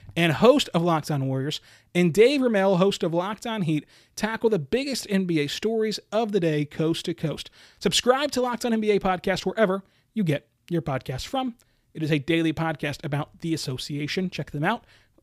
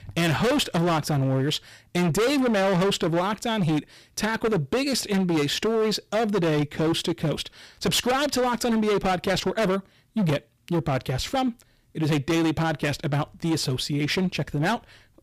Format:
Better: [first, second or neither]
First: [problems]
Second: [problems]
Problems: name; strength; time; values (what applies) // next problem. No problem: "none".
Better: first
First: none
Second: distortion; heavy; 20% of the sound clipped